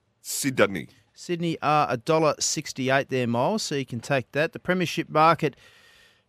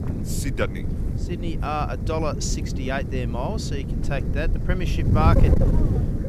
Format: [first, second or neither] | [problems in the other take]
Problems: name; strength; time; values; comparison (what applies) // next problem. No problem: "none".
first | wind noise on the microphone; heavy; 6 dB below the speech